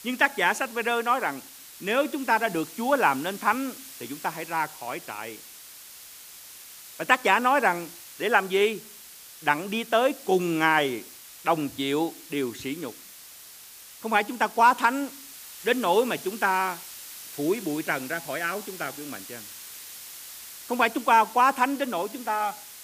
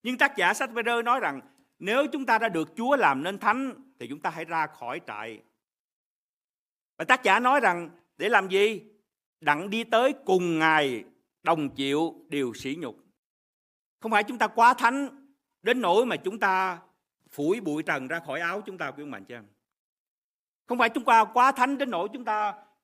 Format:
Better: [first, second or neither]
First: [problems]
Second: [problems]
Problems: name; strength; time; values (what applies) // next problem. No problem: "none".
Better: second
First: hiss; noticeable; throughout; 15 dB below the speech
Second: none